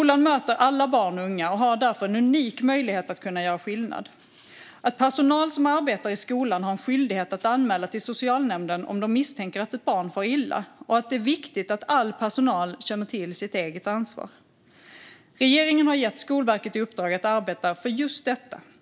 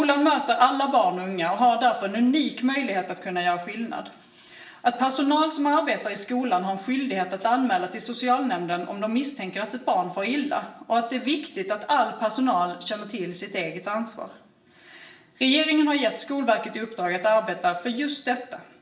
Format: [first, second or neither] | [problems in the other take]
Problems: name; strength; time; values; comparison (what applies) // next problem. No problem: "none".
first | room echo; dies away in 0.6 s